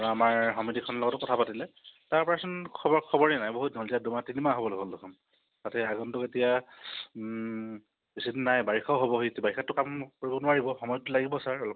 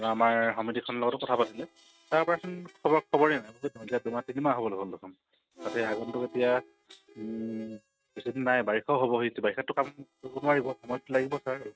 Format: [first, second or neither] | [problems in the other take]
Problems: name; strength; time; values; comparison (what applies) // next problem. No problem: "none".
first | noise reduction (neural mask model RNNoise)